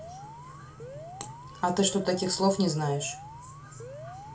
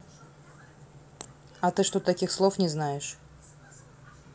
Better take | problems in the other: second | background sound (Alarm); 15 dB below the speech // room echo; dies away in 0.2 s

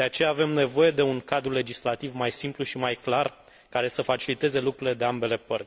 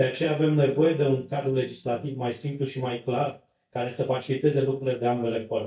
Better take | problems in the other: first | noise reduction (neural mask model DeepFilterNet 3)

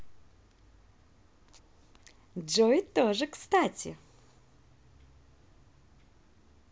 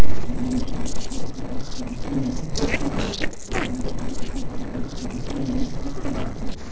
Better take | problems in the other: first | noise reduction (neural separator model SepFormer DNS4)

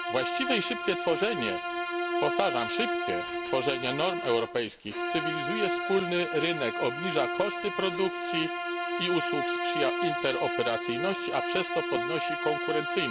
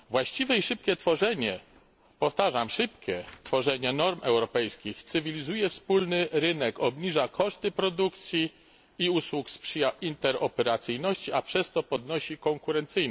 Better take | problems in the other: second | background sound (Bowed string instrument); 1 dB below the speech

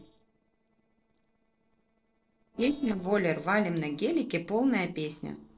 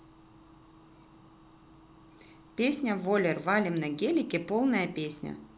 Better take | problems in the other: second | noise reduction (neural separator model SepFormer DNS4)

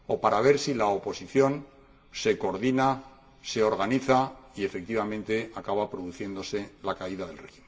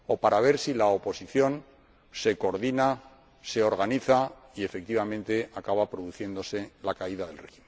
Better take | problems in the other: second | room echo; dies away in 0.5 s

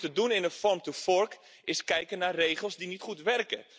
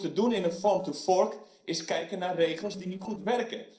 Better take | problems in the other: first | noise reduction (neural separator model SepFormer DNS4)

